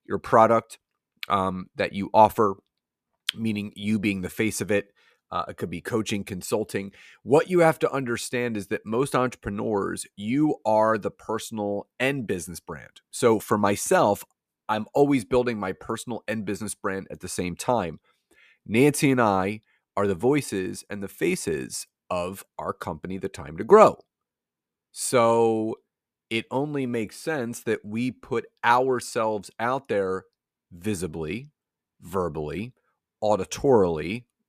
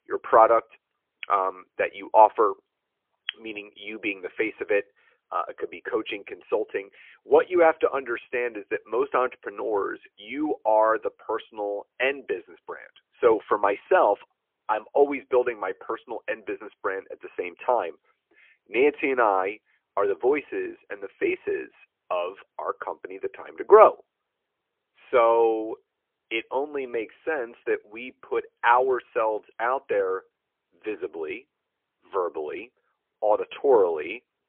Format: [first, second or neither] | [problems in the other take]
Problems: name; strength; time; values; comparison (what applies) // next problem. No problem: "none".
first | phone-call audio; poor line; nothing above 3.5 kHz